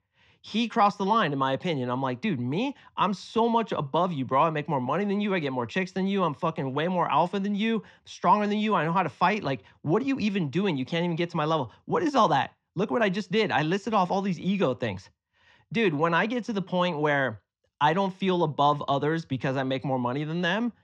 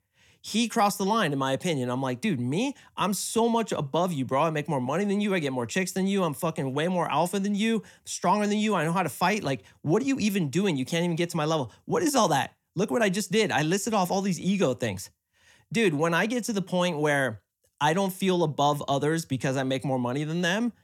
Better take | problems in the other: second | muffled; slightly; fading above 4.5 kHz

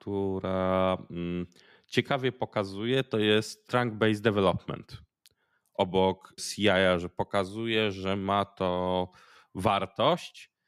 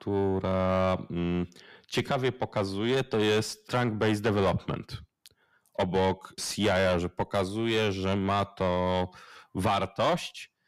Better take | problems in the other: first | distortion; heavy; 7 dB below the speech

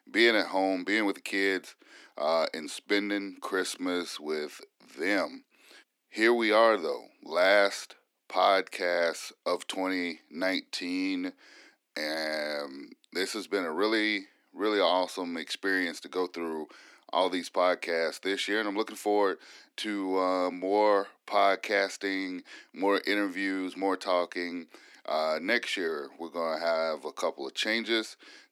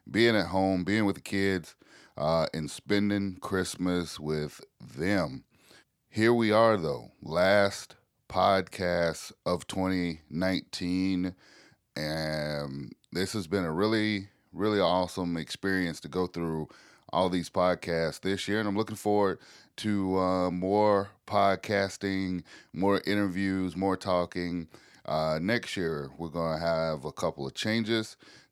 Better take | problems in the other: second | thin; very slightly; fading below 250 Hz

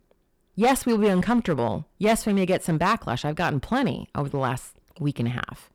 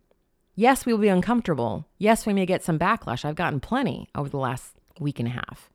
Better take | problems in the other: second | distortion; slight; 5% of the sound clipped

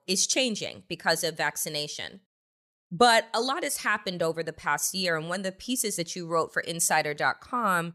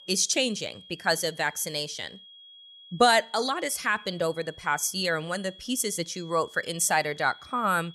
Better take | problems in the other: first | high-pitched whine; faint; throughout; 3.5 kHz, 20 dB below the speech

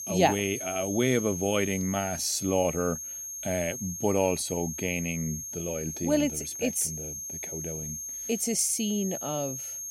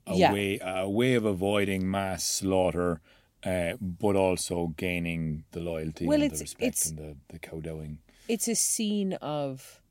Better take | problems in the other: second | high-pitched whine; loud; throughout; 6.5 kHz, 6 dB below the speech

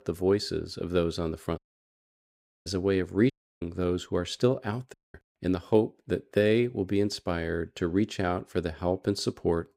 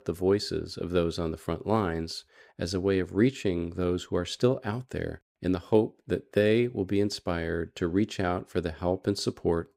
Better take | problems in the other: second | audio cutting out; at 1.5 s for 1 s, at 3.5 s and at 5 s

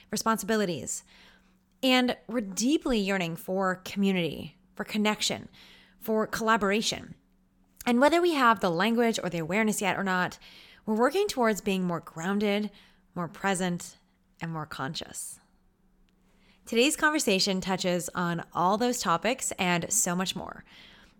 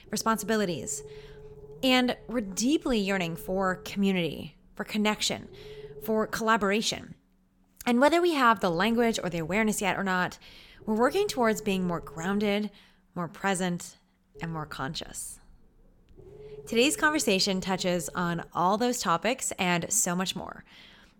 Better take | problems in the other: first | low rumble; faint; until 6.5 s, from 8.5 to 13 s and from 14 to 18 s; 20 dB below the speech

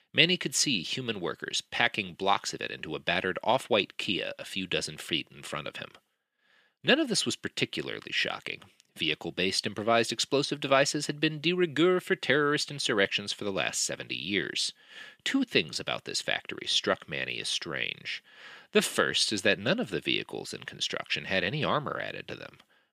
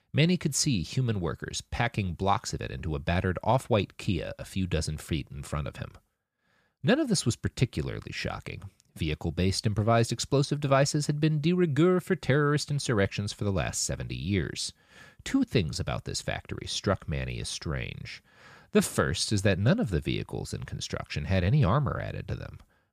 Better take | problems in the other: second | thin; somewhat; fading below 300 Hz

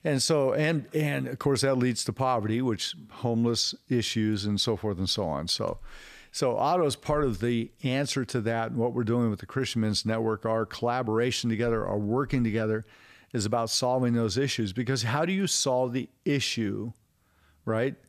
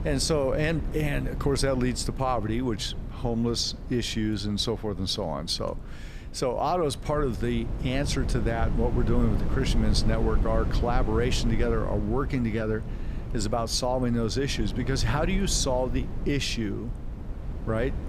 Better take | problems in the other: first | wind noise on the microphone; occasional gusts; 15 dB below the speech

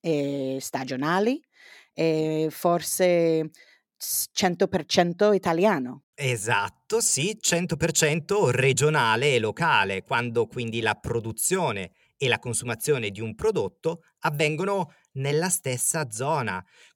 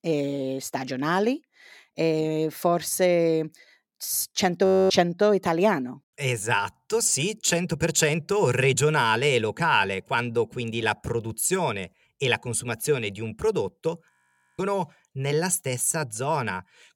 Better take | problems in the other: first | audio freezing; at 4.5 s and at 14 s

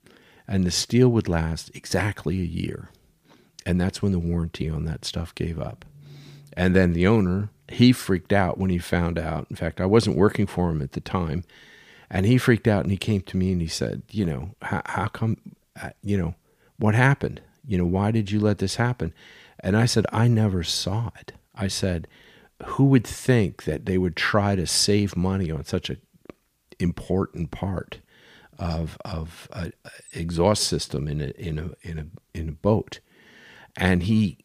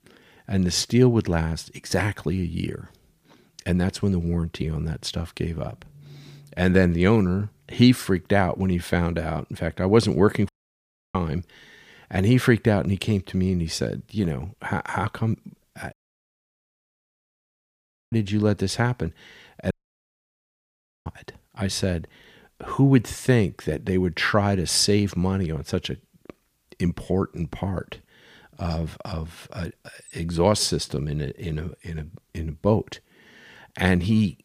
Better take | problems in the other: first | audio cutting out; at 10 s for 0.5 s, at 16 s for 2 s and at 20 s for 1.5 s

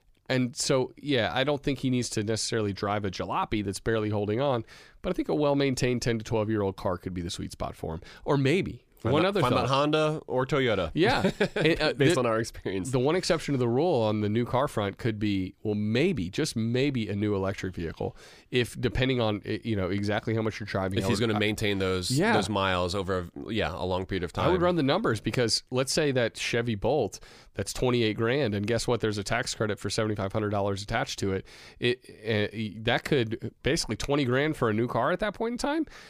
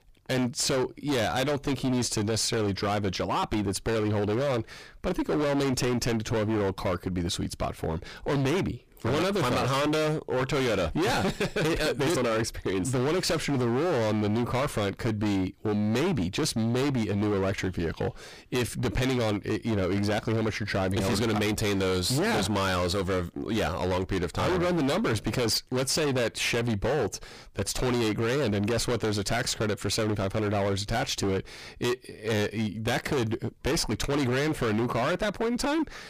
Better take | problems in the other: first | distortion; heavy; 28% of the sound clipped

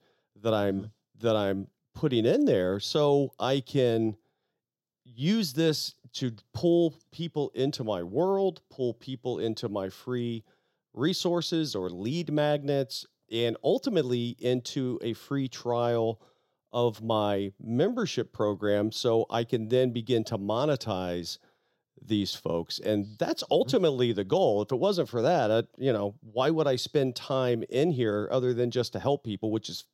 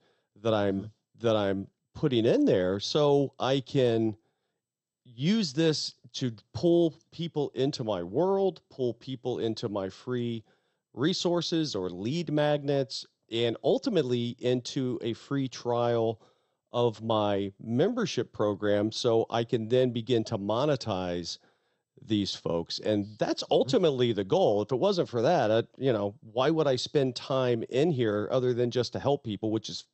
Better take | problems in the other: first | garbled, watery; slightly; nothing above 8 kHz

